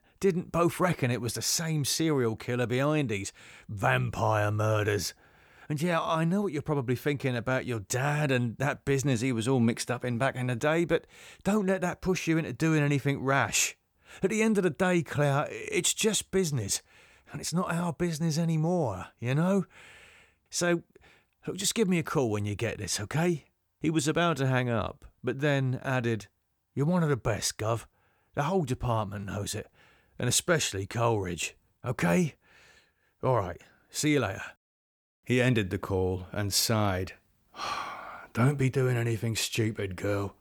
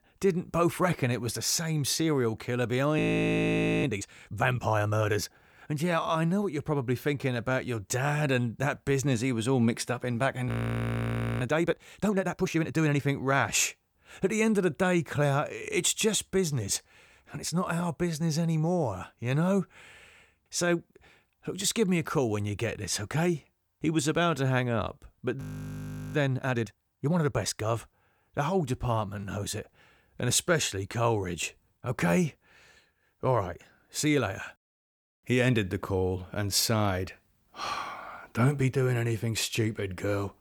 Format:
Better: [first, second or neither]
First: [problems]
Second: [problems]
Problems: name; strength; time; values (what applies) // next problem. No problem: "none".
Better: first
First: none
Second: audio freezing; at 3 s for 1 s, at 10 s for 1 s and at 25 s for 0.5 s